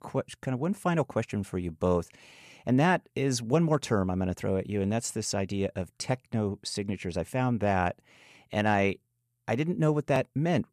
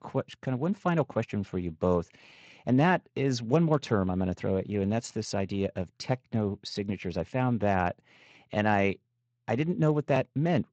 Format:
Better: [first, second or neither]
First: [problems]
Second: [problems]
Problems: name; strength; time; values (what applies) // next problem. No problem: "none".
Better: first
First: none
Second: garbled, watery; slightly; nothing above 7.5 kHz